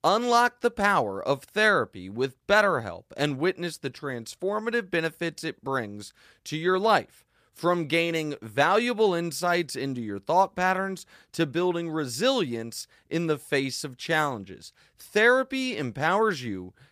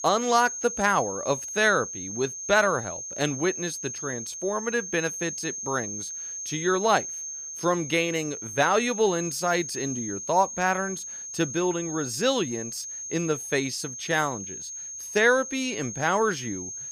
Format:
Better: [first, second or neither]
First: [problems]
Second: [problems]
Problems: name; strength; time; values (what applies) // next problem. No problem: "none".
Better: first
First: none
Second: high-pitched whine; loud; throughout; 6.5 kHz, 7 dB below the speech